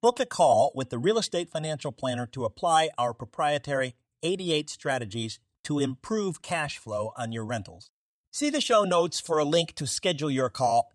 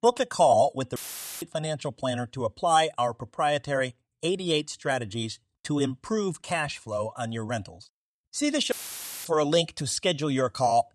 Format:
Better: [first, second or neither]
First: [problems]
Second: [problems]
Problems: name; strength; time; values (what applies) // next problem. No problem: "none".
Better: first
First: none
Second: audio cutting out; filled with static; at 1 s and at 8.5 s for 0.5 s